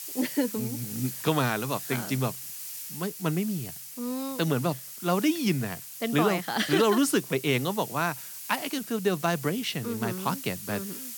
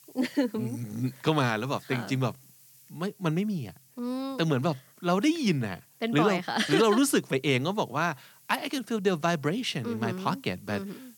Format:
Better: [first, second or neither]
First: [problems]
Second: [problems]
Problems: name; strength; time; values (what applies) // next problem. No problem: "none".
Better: second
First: hiss; loud; throughout; 9 dB below the speech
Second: hiss; faint; throughout; 25 dB below the speech